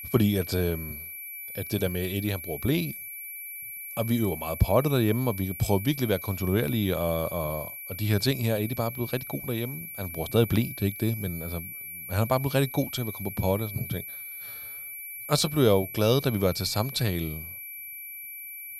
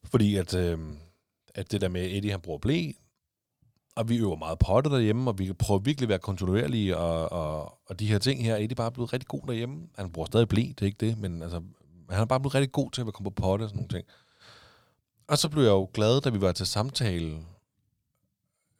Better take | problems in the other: second | high-pitched whine; loud; throughout; 2.5 kHz, 9 dB below the speech

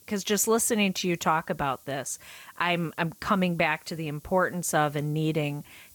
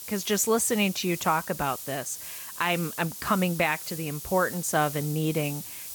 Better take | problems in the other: first | hiss; loud; throughout; 9 dB below the speech; faint in the first

